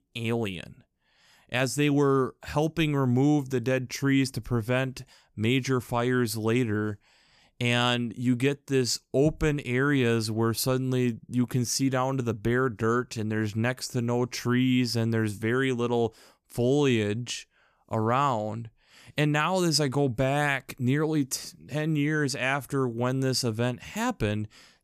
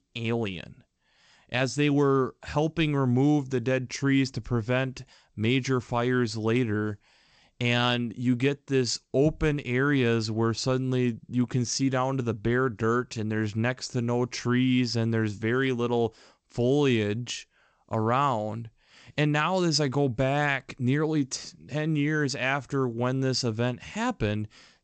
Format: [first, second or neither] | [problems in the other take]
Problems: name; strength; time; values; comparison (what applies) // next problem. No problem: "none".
first | garbled, watery; slightly; nothing above 8 kHz